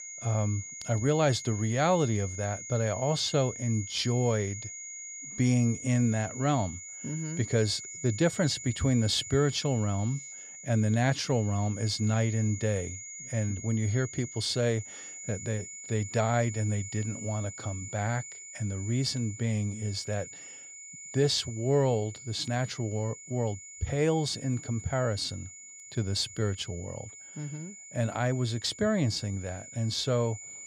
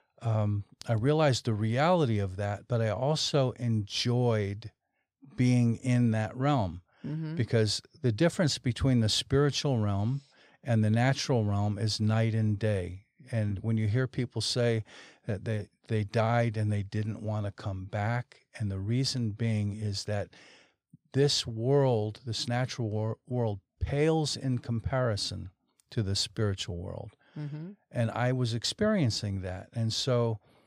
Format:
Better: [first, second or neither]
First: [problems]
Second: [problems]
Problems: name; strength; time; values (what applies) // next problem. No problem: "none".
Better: second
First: high-pitched whine; noticeable; throughout; 6.5 kHz, 10 dB below the speech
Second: none